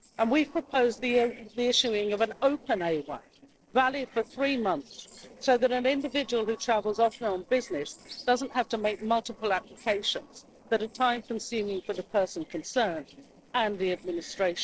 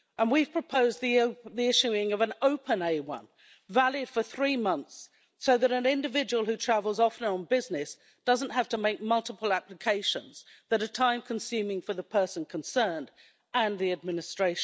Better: second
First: noise reduction (neural separator model SepFormer DNS4)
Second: none

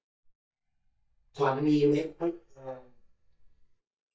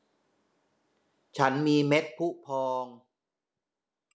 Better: second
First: noise reduction (neural mask model DeepFilterNet 3)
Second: none

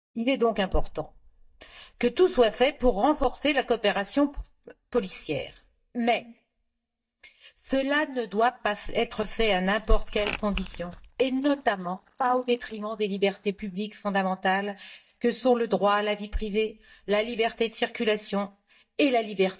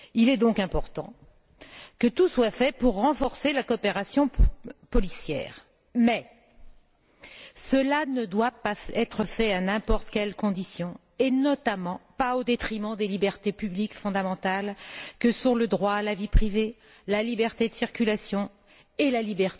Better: second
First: noise reduction (neural mask model DeepFilterNet 3)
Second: none

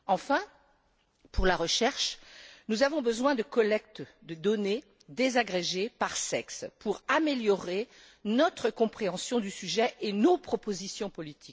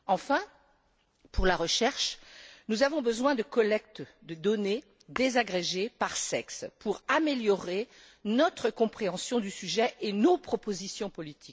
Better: first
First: none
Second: background sound (Tap / Hammer); 19 dB below the speech

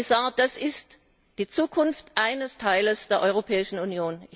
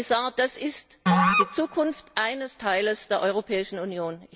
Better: first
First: none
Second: background sound (Musical instrument); as loud as the speech

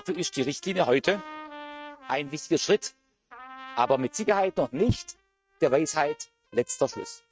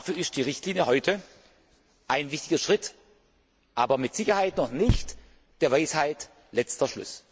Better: second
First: noise reduction (neural mask model RNNoise)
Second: none

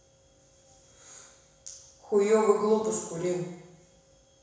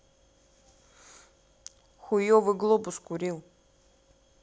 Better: second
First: room echo; dies away in 1.1 s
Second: none

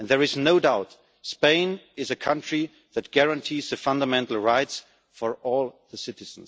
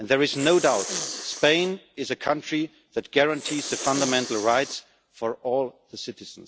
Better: first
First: none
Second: background sound (Respiratory sounds); 11 dB below the speech

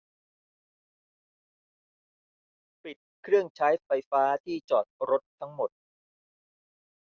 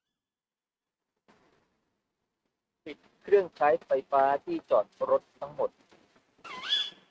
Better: first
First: none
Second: noise reduction (neural mask model RNNoise)

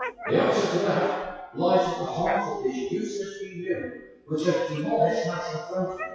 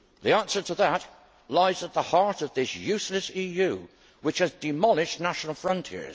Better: second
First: noise reduction (classical method WPE with log-MMSE)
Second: none

